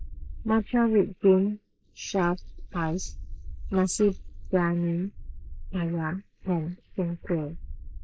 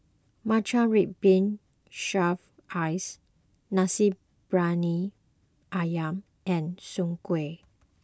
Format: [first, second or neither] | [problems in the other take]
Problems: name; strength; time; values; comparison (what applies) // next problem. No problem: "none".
second | noise reduction (neural mask model Resemble Enhance denoiser)